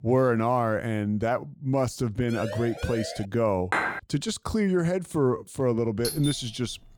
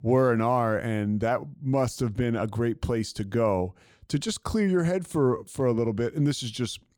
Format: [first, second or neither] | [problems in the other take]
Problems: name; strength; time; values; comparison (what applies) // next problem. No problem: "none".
second | siren; noticeable; at 2.5 s; peak 9 dB below the speech // clattering dishes; noticeable; at 3.5 s; peak level with the speech // doorbell; noticeable; at 6 s; peak 5 dB below the speech